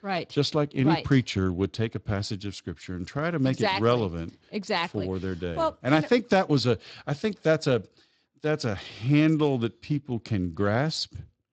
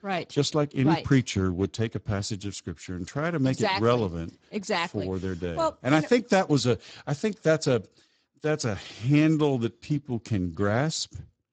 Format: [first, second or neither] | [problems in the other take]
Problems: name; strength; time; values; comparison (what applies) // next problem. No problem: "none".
first | garbled, watery; badly; nothing above 7.5 kHz; slightly in the first